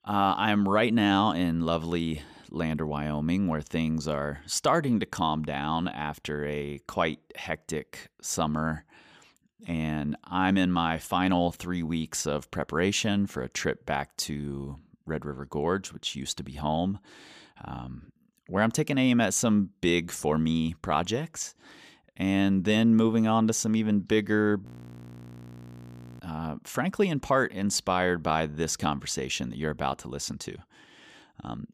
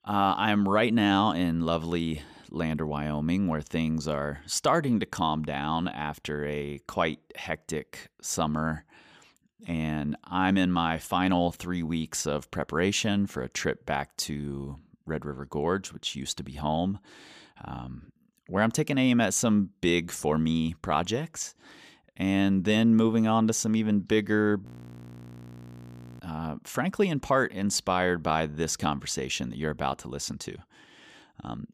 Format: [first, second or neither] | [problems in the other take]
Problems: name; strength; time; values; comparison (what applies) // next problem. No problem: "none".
neither | audio freezing; at 25 s for 1.5 s; the same in both